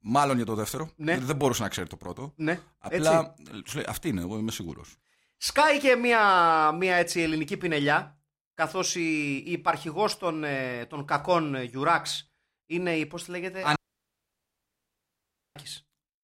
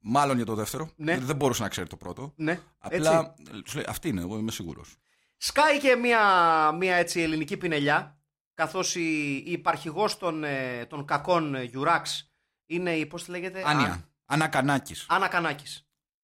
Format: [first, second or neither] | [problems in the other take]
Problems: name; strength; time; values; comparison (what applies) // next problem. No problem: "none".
second | audio cutting out; at 14 s for 2 s